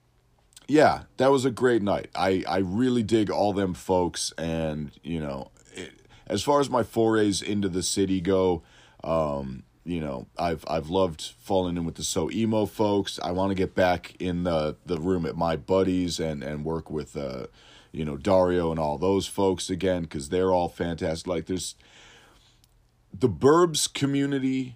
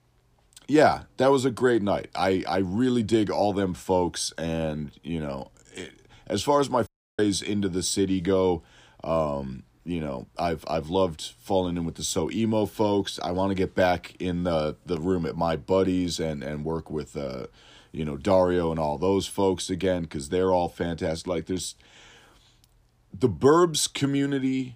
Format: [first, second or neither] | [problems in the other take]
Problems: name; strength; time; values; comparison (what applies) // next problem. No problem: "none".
first | audio cutting out; at 7 s